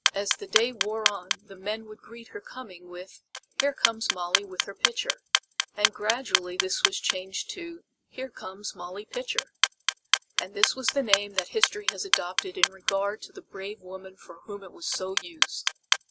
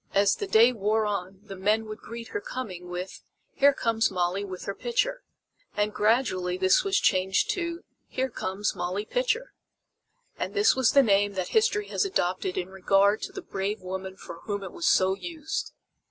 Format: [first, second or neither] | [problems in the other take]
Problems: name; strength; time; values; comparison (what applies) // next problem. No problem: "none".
second | background sound (Clock); 3 dB above the speech